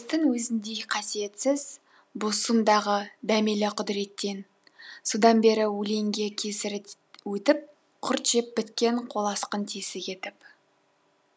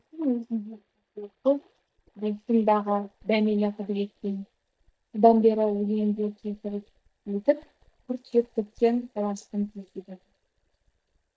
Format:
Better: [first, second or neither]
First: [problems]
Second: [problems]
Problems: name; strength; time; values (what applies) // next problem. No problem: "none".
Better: first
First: none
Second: noise reduction (neural mask model DeepFilterNet 3)